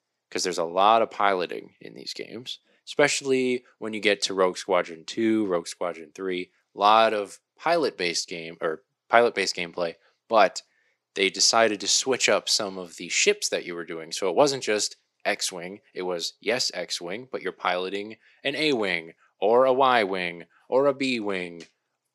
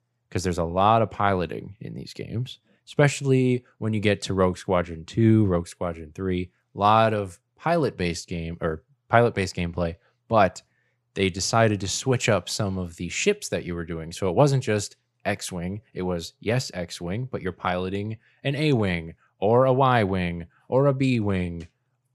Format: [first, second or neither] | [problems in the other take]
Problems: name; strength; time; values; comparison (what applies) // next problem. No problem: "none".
second | thin; somewhat; fading below 300 Hz